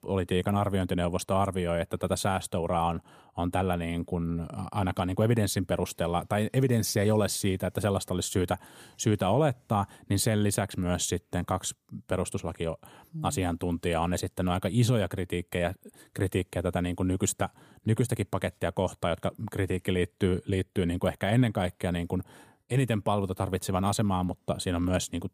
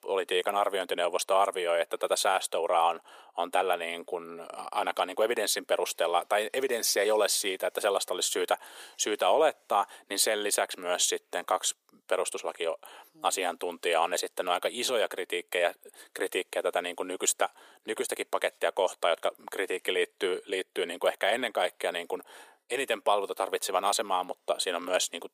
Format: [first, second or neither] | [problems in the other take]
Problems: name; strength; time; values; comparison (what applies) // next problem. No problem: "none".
first | thin; very; fading below 400 Hz